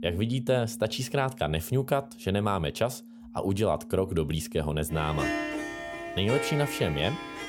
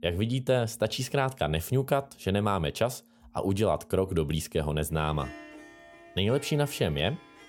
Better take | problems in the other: second | background music; loud; throughout; 7 dB below the speech; faint in the second

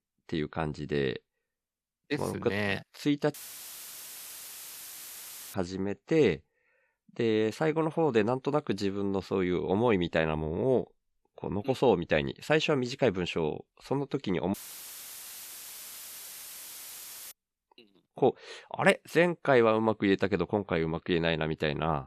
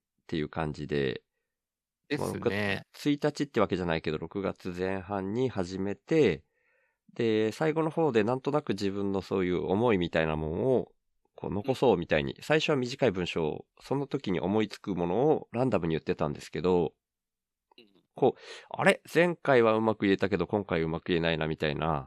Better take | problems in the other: second | audio cutting out; filled with static; at 3.5 s for 2 s and at 15 s for 3 s

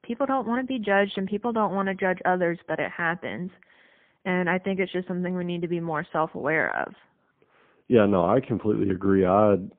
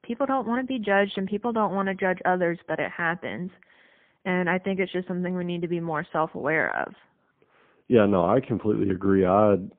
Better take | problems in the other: neither | phone-call audio; poor line; nothing above 3 kHz; the same in both

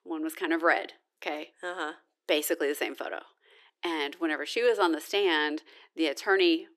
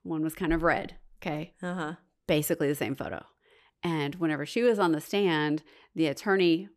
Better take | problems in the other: second | thin; somewhat; fading below 350 Hz

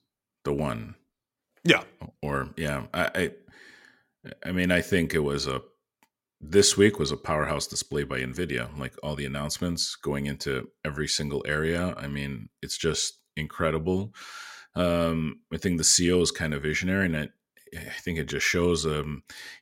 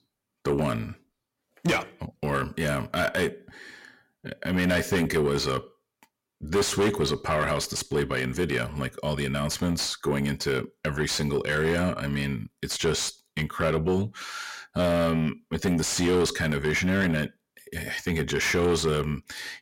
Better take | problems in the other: first | distortion; heavy; 6 dB below the speech

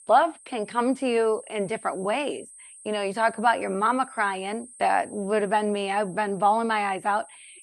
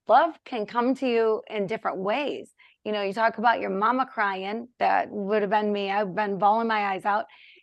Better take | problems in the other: second | high-pitched whine; noticeable; throughout; 8.5 kHz, 20 dB below the speech

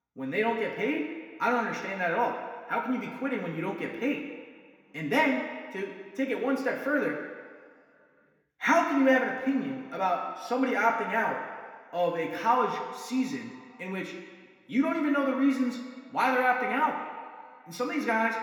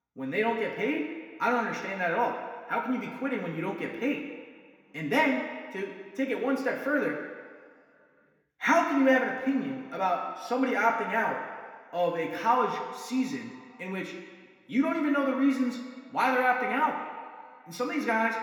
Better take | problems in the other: neither | room echo; noticeable; dies away in 1.7 s; the same in both // off-mic speech; somewhat distant; the same in both

